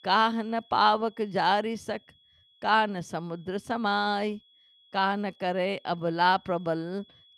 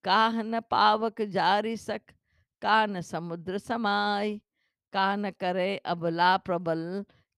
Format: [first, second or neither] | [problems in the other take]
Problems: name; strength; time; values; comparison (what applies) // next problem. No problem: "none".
second | high-pitched whine; faint; throughout; 3.5 kHz, 30 dB below the speech